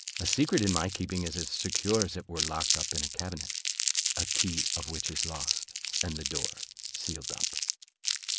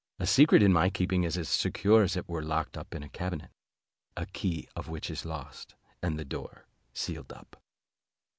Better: second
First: background sound (Crumpling, crinkling); 2 dB above the speech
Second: none

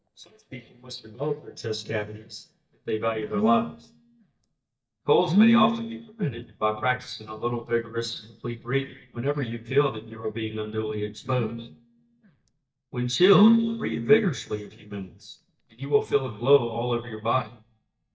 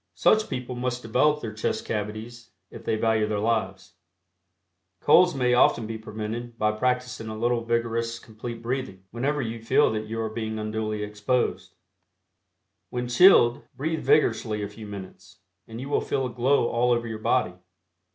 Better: second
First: noise reduction (neural mask model DeepFilterNet 3)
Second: none

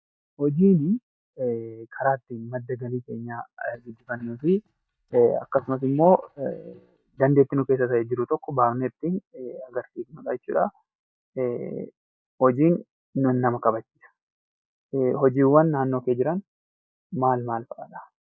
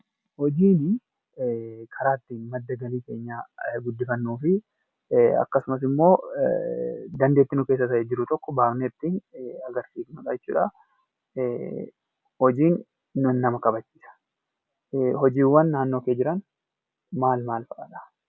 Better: second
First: noise reduction (neural mask model DeepFilterNet 3)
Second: none

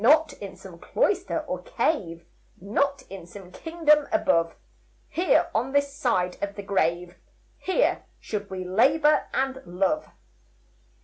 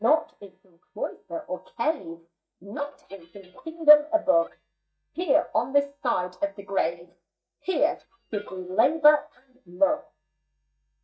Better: first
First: none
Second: noise reduction (neural mask model DeepFilterNet 3)

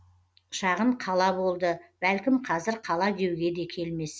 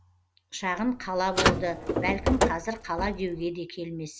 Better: first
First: none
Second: background sound (Car); 1 dB above the speech

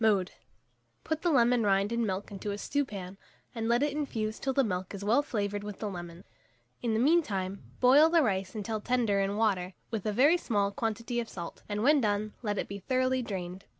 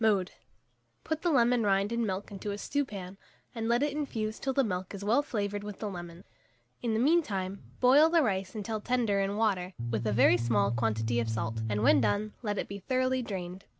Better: first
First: none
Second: background sound (Bass guitar); 2 dB below the speech

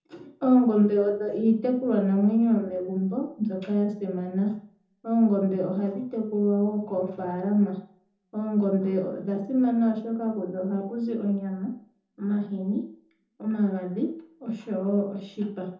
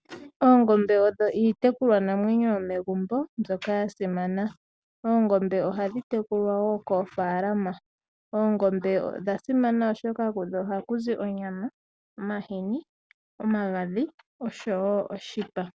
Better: second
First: room echo; dies away in 0.5 s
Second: none

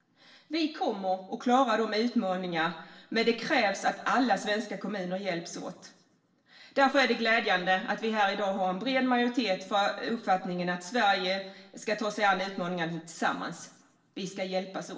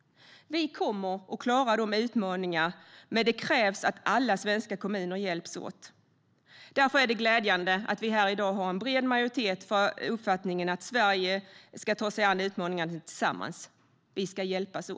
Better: second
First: room echo; dies away in 0.7 s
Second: none

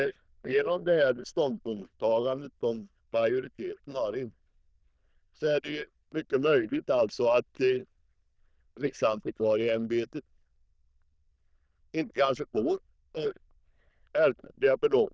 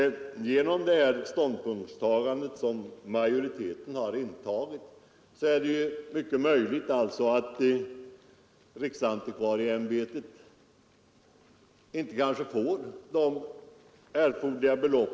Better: second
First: noise reduction (neural diffusion model UNIVERSE++)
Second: none

